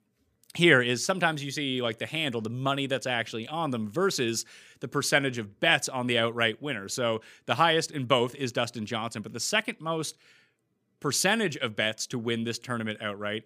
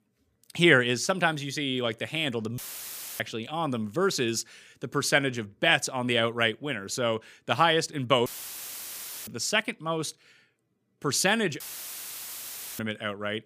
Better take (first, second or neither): first